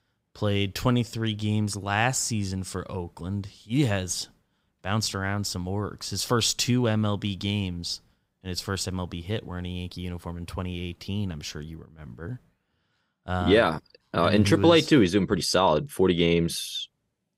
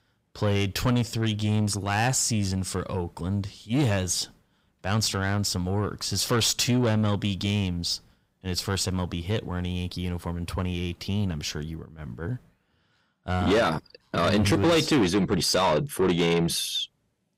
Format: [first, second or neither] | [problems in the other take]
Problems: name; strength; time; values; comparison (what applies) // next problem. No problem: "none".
first | distortion; heavy; 8 dB below the speech